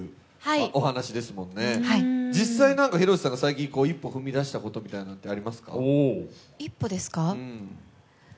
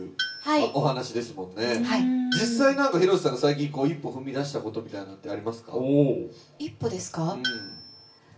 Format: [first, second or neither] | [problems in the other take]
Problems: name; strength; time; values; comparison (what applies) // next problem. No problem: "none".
first | background sound (Tools); 9 dB below the speech // room echo; dies away in 0.2 s